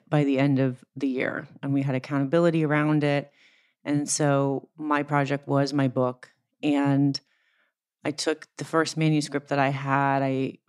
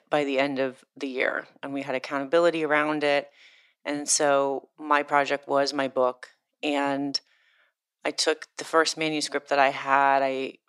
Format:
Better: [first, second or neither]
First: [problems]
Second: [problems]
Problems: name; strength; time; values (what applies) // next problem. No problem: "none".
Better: first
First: none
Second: thin; somewhat; fading below 550 Hz